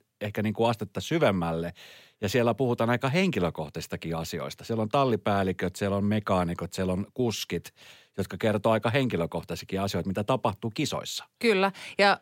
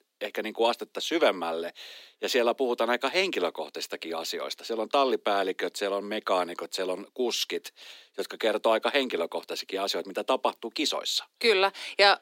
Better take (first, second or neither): first